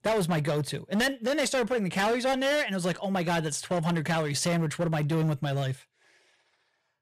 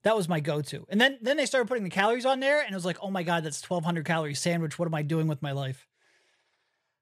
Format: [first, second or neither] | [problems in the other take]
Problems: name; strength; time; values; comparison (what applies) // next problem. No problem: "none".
second | distortion; heavy; 15% of the sound clipped